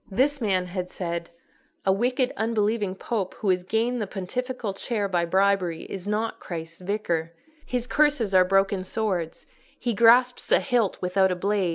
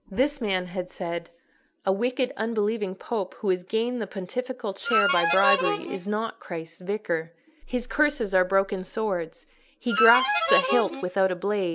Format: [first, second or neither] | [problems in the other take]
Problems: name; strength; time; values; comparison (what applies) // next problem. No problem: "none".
first | background sound (Harmonica); 1 dB above the speech